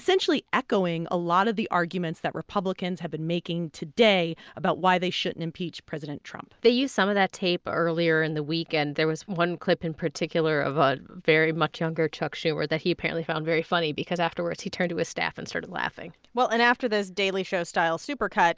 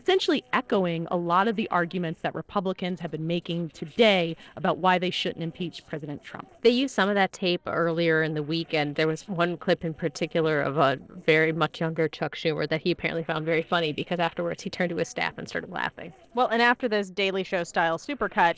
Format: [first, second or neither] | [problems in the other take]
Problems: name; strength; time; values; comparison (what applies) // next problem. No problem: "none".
first | noise reduction (neural separator model SepFormer DNS4)